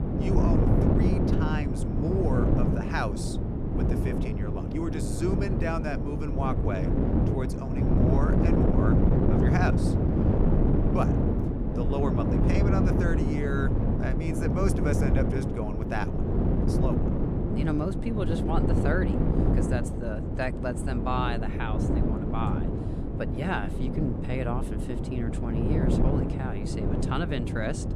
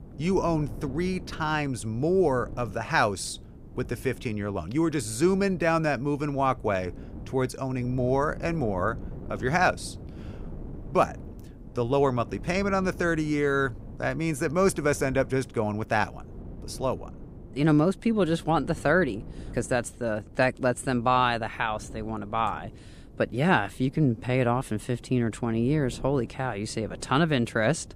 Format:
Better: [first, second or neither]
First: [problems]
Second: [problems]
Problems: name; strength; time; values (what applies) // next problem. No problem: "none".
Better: second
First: wind noise on the microphone; heavy; 1 dB above the speech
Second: wind noise on the microphone; occasional gusts; 25 dB below the speech